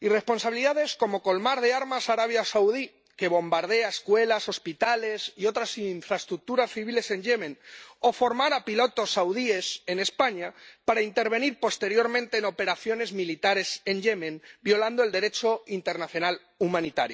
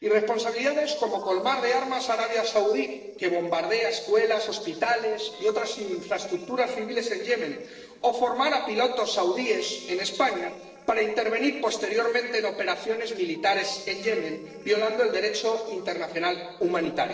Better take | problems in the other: first | noise reduction (neural separator model SepFormer DNS4)

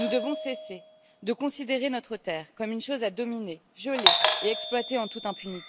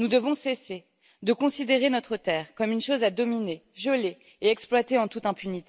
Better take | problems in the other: second | background sound (Doorbell); as loud as the speech

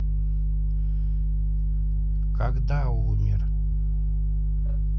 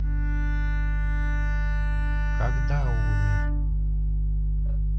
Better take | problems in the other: first | background sound (Bowed string instrument); 16 dB below the speech

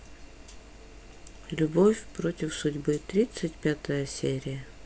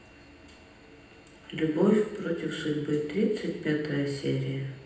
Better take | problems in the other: first | room echo; dies away in 0.9 s

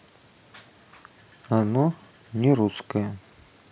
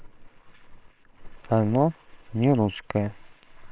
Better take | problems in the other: first | noise reduction (neural separator model SepFormer WHAMR!)

